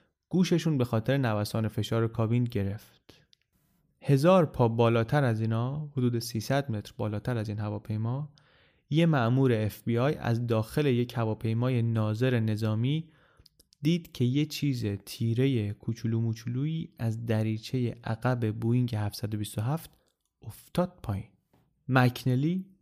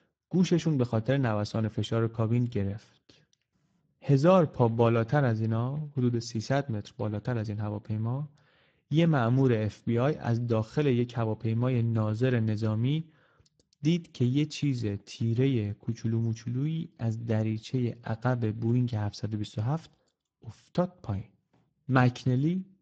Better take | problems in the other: first | garbled, watery; badly; nothing above 7.5 kHz

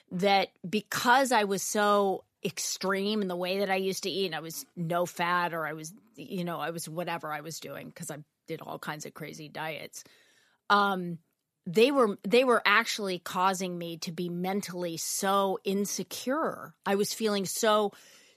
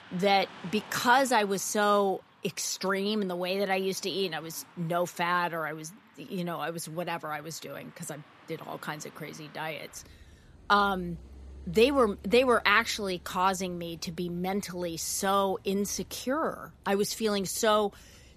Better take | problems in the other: first | traffic noise; faint; throughout; 25 dB below the speech

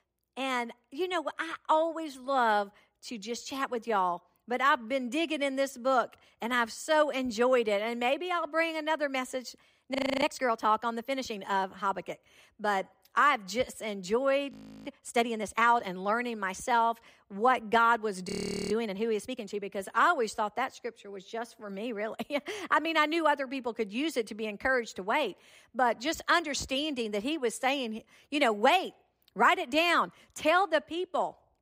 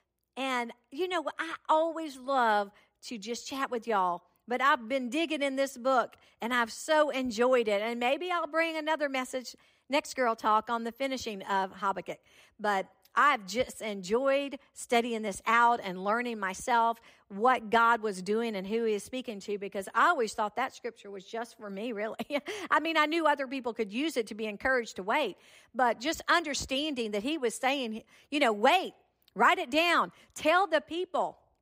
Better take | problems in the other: second | audio freezing; at 10 s, at 15 s and at 18 s

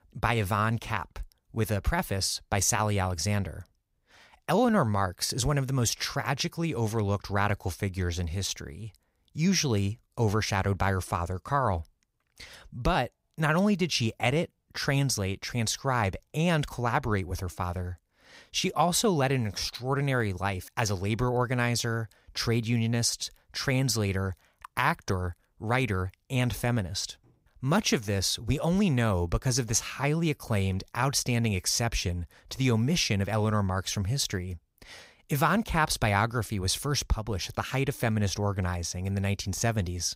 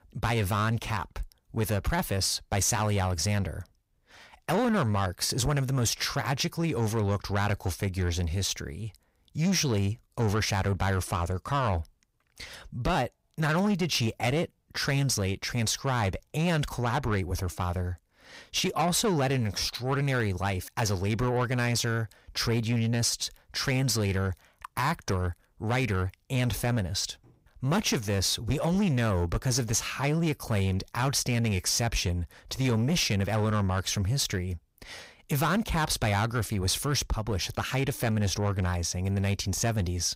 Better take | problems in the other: first | distortion; slight; 10 dB below the speech

